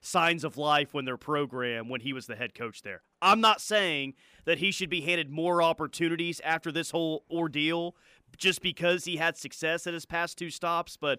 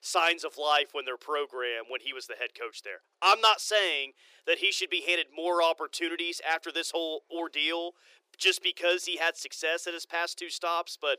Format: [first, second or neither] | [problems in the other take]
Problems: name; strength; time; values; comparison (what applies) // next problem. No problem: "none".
first | thin; very; fading below 350 Hz